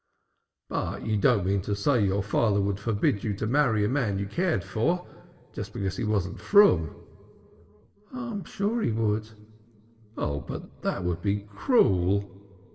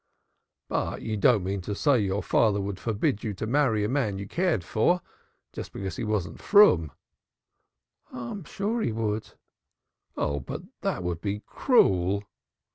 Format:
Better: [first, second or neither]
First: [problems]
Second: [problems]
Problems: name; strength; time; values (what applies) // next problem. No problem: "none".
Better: second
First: room echo; dies away in 2.1 s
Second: none